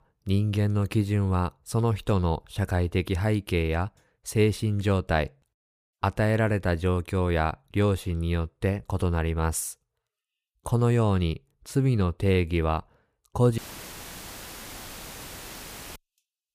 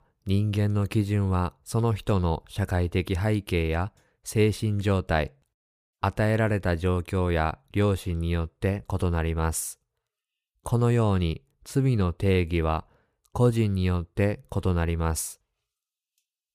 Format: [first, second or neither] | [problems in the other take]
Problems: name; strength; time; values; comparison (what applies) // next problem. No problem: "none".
second | audio cutting out; filled with static; at 14 s for 2.5 s